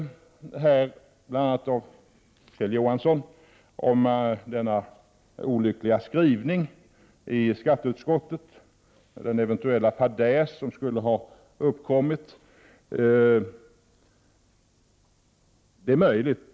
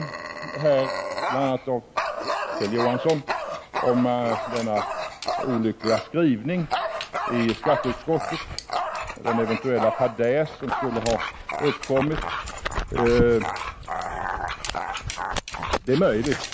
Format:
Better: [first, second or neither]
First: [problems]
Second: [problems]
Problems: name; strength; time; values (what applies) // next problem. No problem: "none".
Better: first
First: none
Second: background sound (Dog); 4 dB below the speech